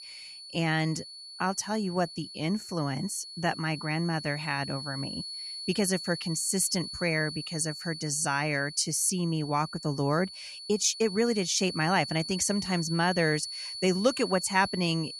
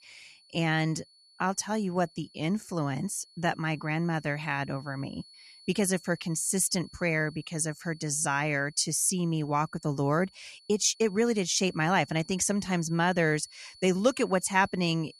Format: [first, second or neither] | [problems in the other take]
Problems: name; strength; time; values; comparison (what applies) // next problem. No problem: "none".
second | high-pitched whine; loud; throughout; 4.5 kHz, 9 dB below the speech; faint in the second